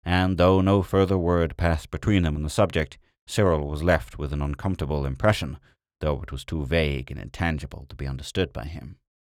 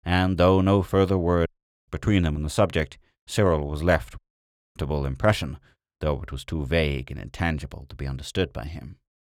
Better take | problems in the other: first | audio cutting out; at 1.5 s and at 4 s for 0.5 s

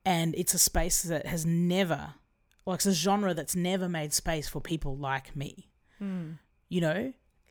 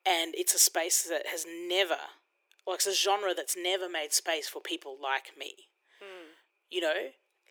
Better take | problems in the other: first | thin; very; fading below 350 Hz

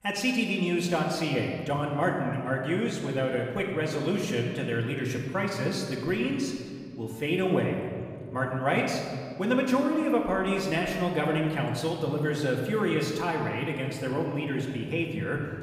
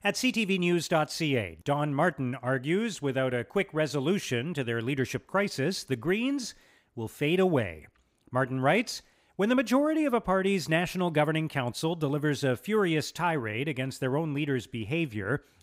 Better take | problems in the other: second | room echo; noticeable; dies away in 1.9 s // off-mic speech; far

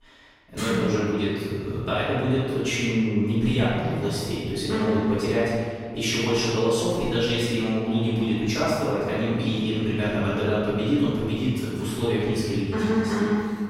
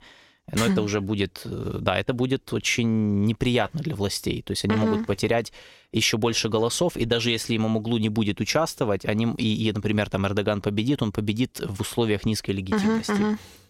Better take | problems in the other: second | off-mic speech; far // room echo; strong; dies away in 1.7 s

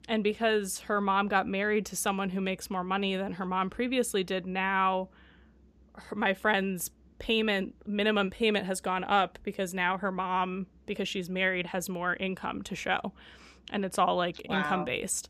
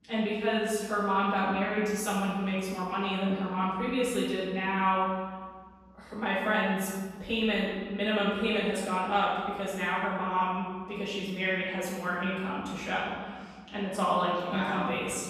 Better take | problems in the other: first | room echo; strong; dies away in 1.3 s // off-mic speech; far

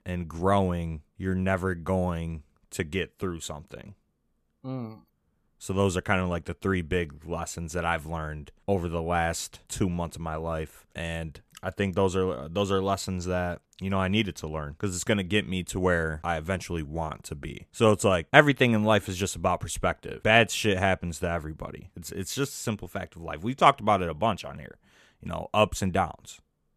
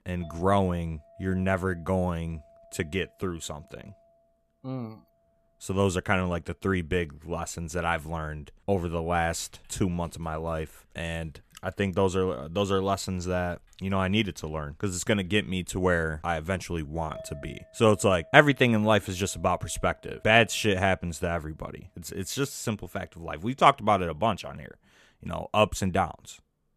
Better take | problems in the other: first | household noises; faint; throughout; 30 dB below the speech

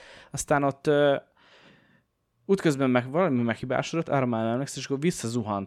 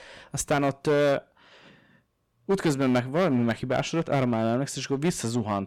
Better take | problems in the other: first | distortion; slight; 7% of the sound clipped

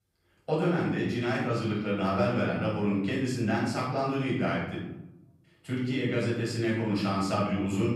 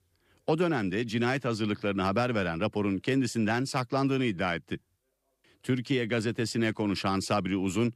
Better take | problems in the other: second | off-mic speech; far // room echo; noticeable; dies away in 0.8 s

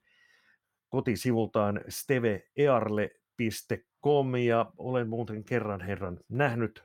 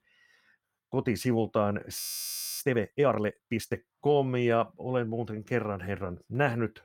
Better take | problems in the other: first | audio freezing; at 2 s for 0.5 s

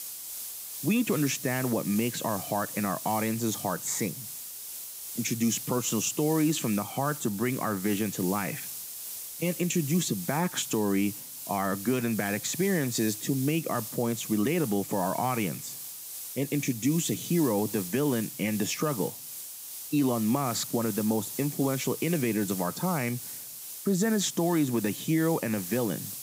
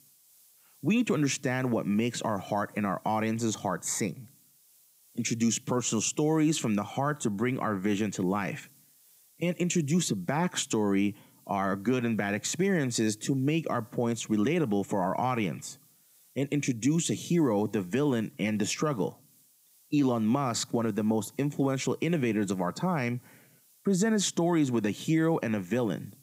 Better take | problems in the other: second | hiss; loud; throughout; 8 dB below the speech; faint in the second

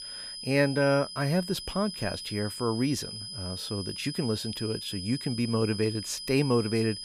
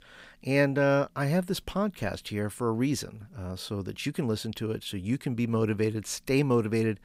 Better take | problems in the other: second | high-pitched whine; loud; throughout; 5 kHz, 8 dB below the speech

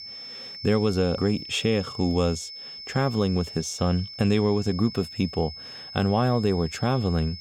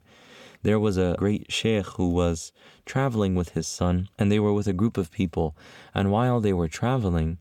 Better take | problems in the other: second | high-pitched whine; noticeable; throughout; 5.5 kHz, 10 dB below the speech

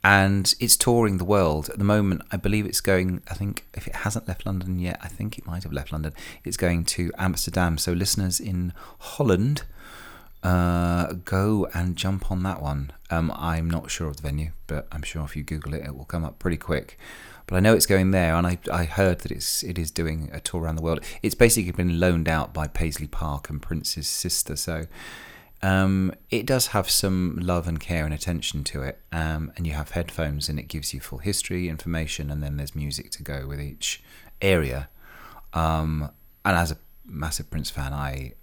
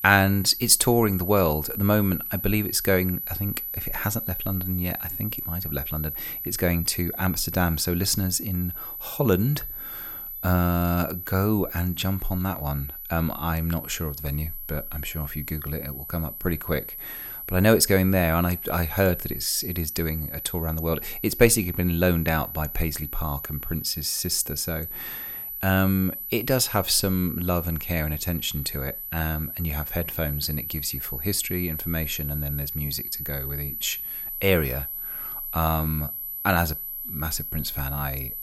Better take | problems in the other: first | high-pitched whine; loud; throughout; 12 kHz, 6 dB below the speech; faint in the first

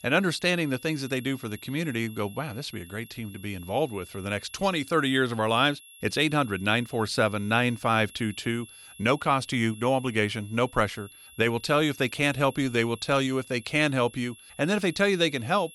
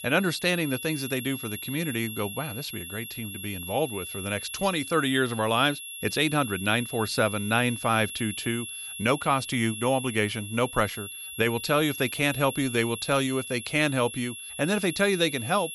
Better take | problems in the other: first | high-pitched whine; loud; throughout; 11 kHz, 9 dB below the speech; faint in the first

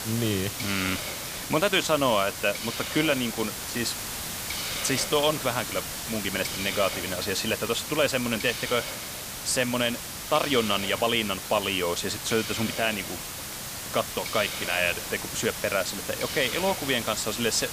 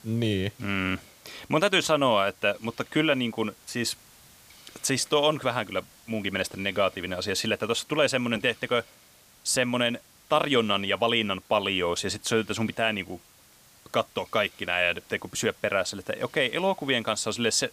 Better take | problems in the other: second | hiss; loud; throughout; 5 dB below the speech; faint in the second

